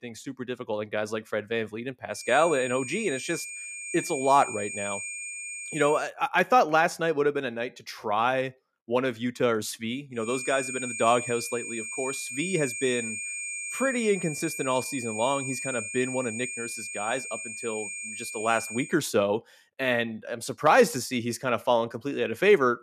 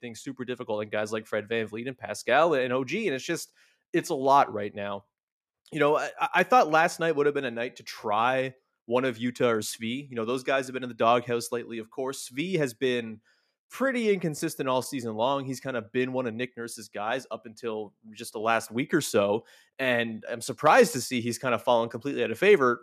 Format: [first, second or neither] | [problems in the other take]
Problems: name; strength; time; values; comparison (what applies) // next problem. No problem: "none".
second | high-pitched whine; loud; from 2 to 6 s and from 10 to 19 s; 2.5 kHz, 7 dB below the speech